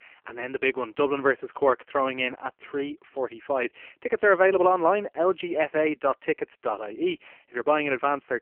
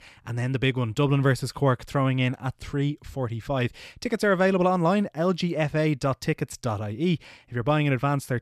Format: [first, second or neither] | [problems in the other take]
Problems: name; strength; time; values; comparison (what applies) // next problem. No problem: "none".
second | phone-call audio; poor line; nothing above 3 kHz